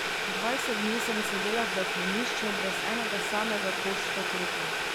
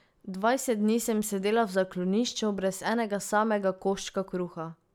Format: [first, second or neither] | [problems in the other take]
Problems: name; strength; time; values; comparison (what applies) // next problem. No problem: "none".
second | background sound (Boiling); 4 dB above the speech